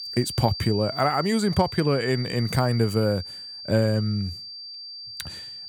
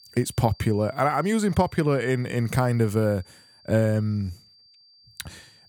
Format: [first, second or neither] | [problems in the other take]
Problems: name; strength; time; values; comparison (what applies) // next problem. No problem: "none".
second | high-pitched whine; loud; throughout; 4.5 kHz, 10 dB below the speech; faint in the second